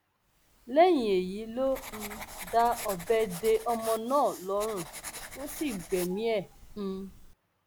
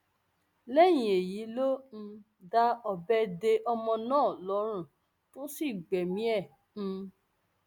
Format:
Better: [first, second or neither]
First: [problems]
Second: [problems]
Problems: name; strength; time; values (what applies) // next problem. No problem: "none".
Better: second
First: background sound (Writing); 15 dB below the speech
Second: none